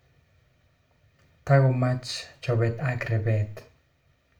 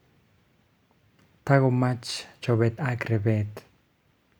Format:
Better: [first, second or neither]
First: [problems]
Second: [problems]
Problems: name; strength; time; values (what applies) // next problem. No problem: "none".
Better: second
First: room echo; dies away in 0.3 s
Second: none